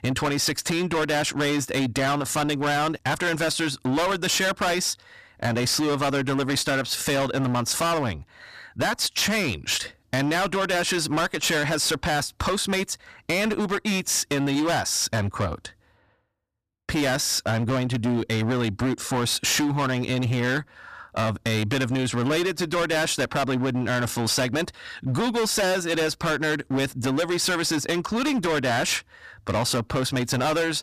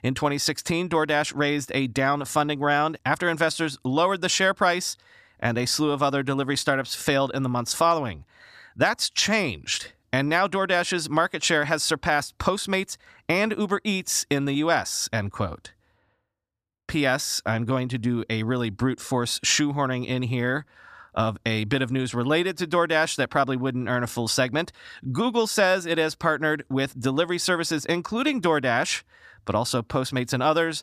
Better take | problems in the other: second | distortion; heavy; 24% of the sound clipped

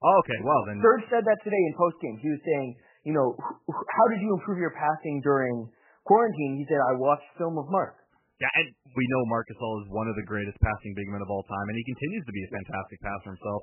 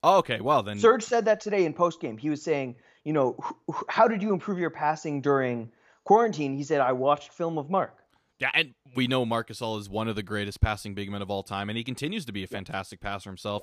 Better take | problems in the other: second | garbled, watery; badly; nothing above 3 kHz

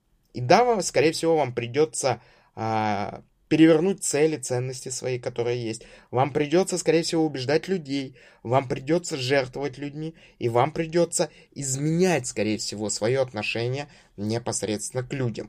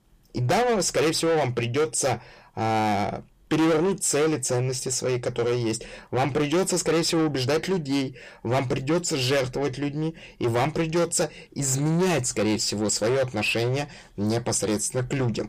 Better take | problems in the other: first | distortion; heavy; 6 dB below the speech

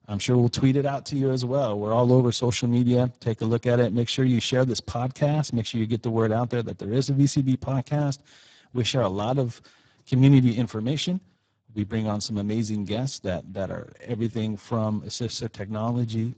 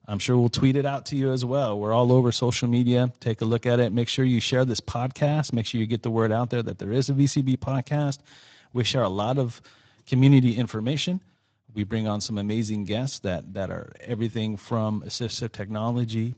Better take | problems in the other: second | garbled, watery; badly; nothing above 7.5 kHz; slightly in the second

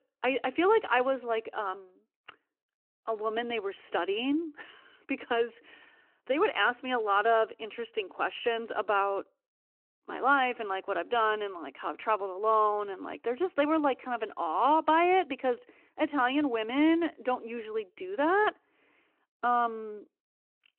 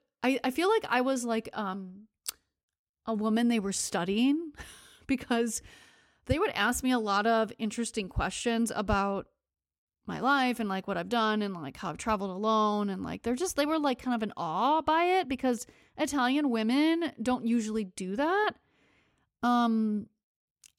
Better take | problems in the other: second | phone-call audio

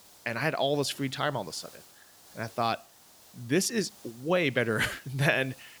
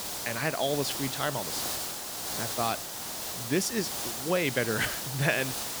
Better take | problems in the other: first | hiss; loud; throughout; 2 dB below the speech; faint in the first

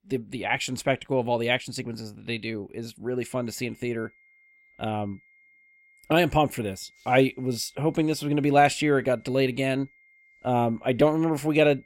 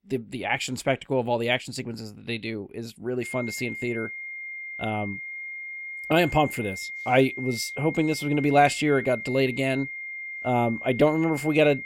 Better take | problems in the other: first | high-pitched whine; loud; from 3 s on; 2 kHz, 8 dB below the speech; faint in the first

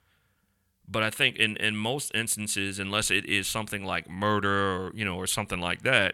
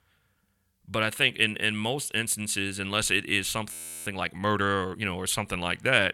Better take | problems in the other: first | audio freezing; at 3.5 s

